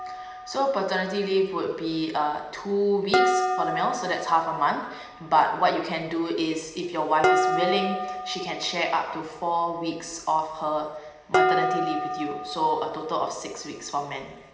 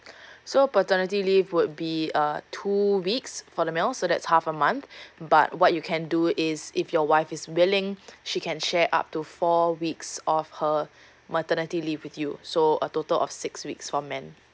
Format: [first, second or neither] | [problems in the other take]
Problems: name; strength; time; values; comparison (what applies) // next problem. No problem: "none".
second | background sound (Dishes, pots, and pans); 3 dB below the speech // room echo; dies away in 1.1 s